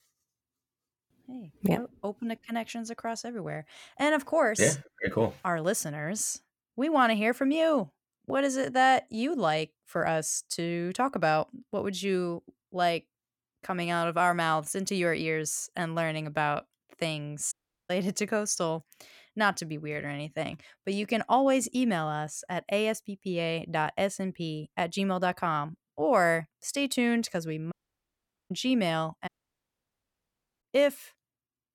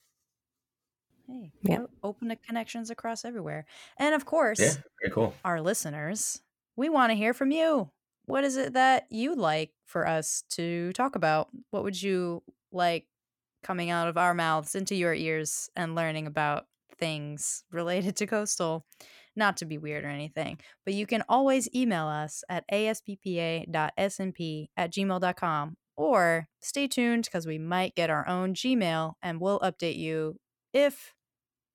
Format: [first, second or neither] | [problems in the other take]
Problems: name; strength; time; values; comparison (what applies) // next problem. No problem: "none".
second | audio cutting out; at 18 s, at 28 s for 1 s and at 29 s for 1.5 s